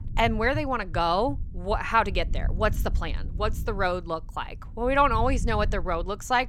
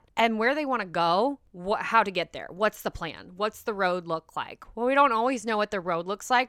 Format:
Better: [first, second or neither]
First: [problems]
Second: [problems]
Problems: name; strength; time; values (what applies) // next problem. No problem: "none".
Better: second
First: low rumble; faint; throughout; 25 dB below the speech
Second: none